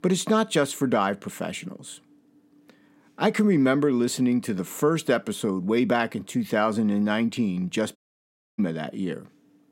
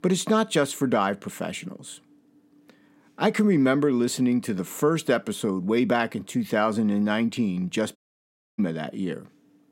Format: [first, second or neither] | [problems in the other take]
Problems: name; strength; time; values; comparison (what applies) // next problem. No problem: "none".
neither | audio cutting out; at 8 s for 0.5 s; the same in both